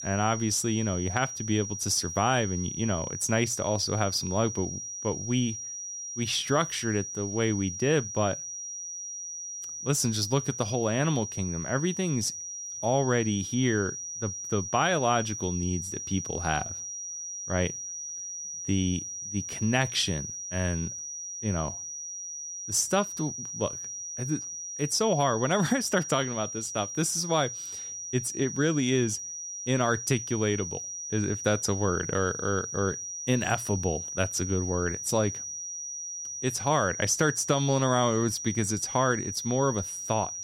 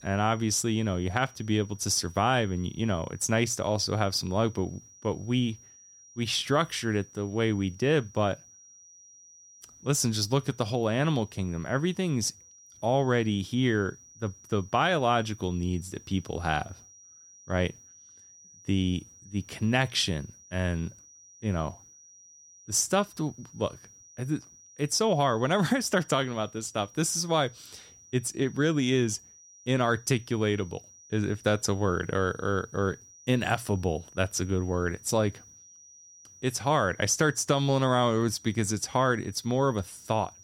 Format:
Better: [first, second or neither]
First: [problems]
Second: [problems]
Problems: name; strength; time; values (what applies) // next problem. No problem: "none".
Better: second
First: high-pitched whine; loud; throughout; 6 kHz, 6 dB below the speech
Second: high-pitched whine; faint; throughout; 6 kHz, 25 dB below the speech